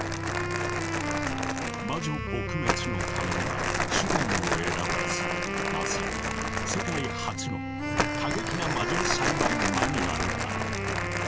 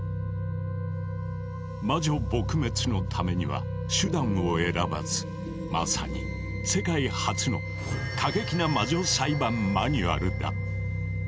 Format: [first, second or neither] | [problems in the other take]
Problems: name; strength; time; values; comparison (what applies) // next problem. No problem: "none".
second | background sound (Crumpling, crinkling + Wind instrument, woodwind instrument); 4 dB above the speech